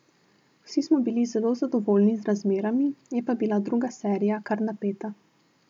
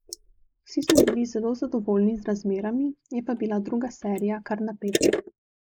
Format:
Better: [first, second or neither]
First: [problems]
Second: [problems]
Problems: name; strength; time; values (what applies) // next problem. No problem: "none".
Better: first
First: none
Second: noise reduction (neural mask model Resemble Enhance denoiser)